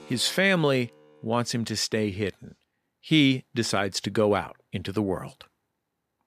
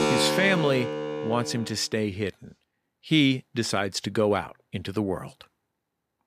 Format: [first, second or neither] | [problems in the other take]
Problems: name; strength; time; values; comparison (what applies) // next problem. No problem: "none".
first | background music; loud; until 1.5 s; 3 dB below the speech; faint in the first